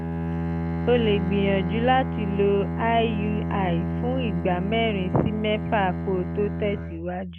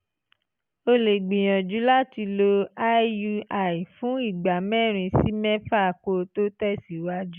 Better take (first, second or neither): second